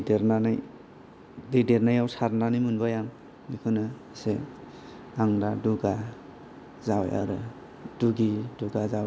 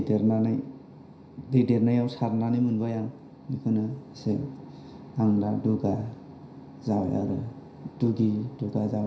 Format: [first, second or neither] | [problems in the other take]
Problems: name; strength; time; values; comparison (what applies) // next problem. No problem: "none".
first | room echo; dies away in 0.5 s